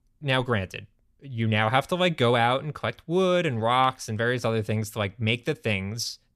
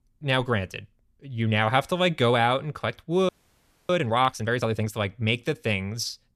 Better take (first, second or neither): first